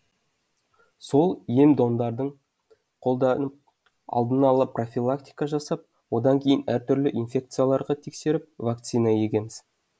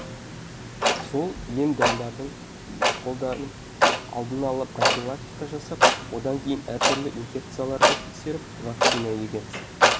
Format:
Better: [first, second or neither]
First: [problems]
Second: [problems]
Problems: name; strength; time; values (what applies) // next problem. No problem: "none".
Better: first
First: none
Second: background sound (Clock); 5 dB above the speech